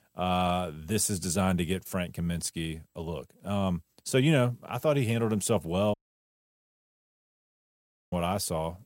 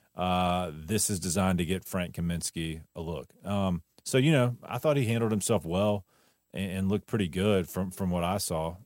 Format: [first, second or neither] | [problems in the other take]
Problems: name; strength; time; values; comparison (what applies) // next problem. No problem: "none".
second | audio cutting out; at 6 s for 2 s